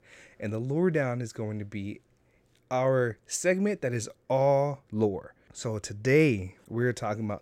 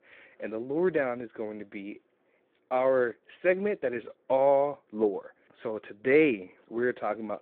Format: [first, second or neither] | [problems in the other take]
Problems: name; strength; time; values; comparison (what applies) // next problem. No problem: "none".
first | phone-call audio